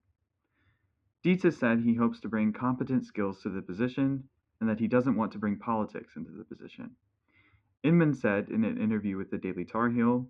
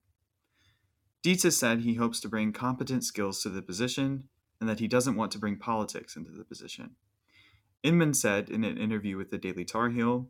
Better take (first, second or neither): second